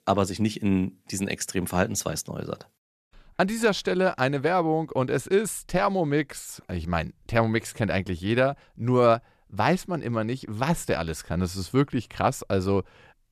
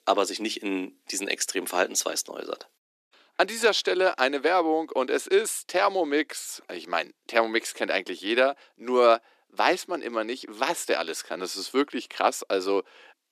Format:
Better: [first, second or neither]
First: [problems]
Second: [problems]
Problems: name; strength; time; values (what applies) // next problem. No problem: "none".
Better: first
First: none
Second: thin; somewhat; fading below 300 Hz